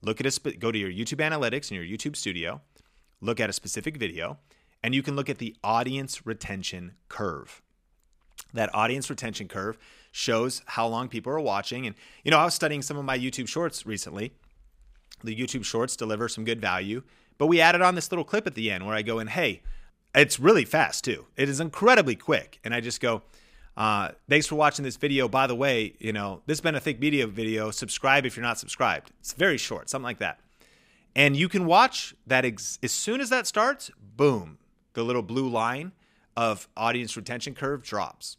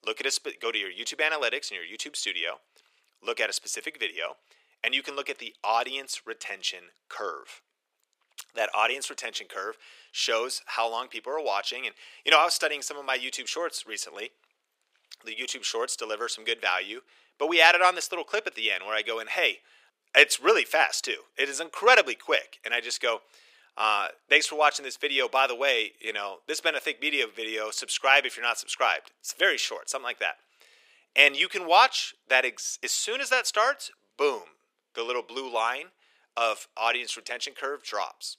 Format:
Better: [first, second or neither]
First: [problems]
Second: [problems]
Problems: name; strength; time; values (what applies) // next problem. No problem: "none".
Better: first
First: none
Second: thin; very; fading below 450 Hz